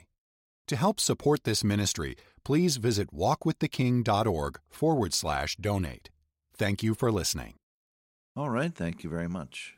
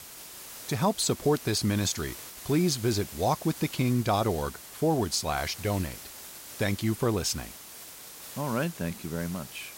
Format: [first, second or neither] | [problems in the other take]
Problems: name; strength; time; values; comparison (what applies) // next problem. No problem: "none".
first | hiss; noticeable; throughout; 15 dB below the speech